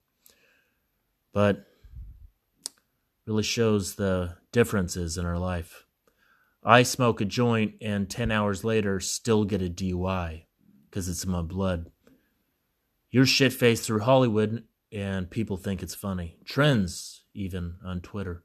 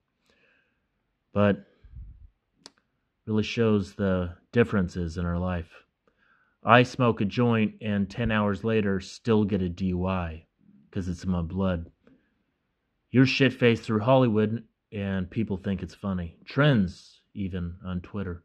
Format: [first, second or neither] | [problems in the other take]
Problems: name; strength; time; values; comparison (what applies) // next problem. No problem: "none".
first | muffled; slightly; fading above 2.5 kHz